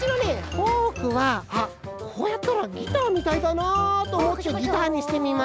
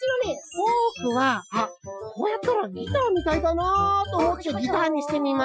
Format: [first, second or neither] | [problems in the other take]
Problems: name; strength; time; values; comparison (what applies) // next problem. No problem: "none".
first | noise reduction (classical method Wiener filter)